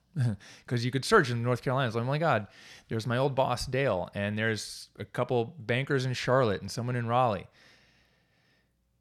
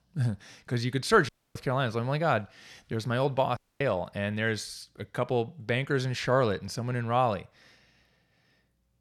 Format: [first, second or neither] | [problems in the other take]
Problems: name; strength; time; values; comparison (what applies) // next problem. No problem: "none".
first | audio cutting out; at 1.5 s and at 3.5 s